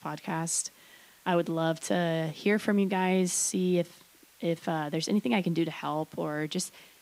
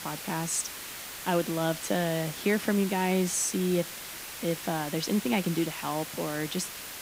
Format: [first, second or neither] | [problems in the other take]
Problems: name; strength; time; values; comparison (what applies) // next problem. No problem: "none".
first | hiss; loud; throughout; 8 dB below the speech; faint in the first